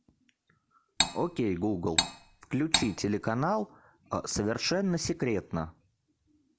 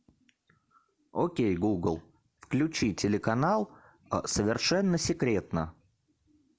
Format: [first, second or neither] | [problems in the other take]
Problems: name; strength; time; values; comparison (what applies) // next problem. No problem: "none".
second | background sound (Cutlery, silverware); 1 dB above the speech